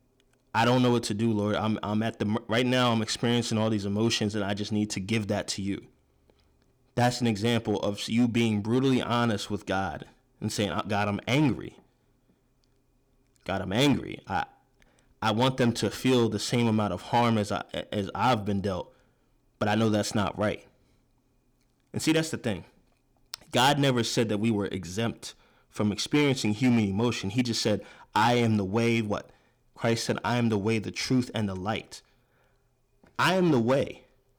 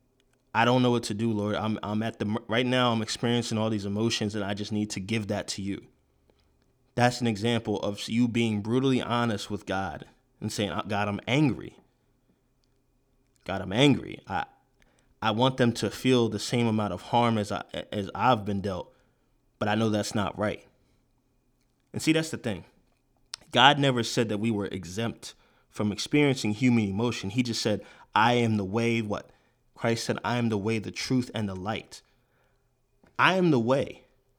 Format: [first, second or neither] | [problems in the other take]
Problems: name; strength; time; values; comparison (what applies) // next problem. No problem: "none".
second | distortion; slight; 3% of the sound clipped